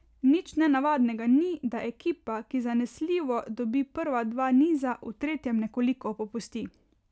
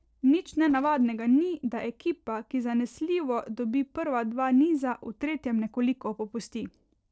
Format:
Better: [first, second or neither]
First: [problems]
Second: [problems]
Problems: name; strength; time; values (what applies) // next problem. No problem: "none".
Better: first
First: none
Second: noise reduction (neural separator model SepFormer DNS4)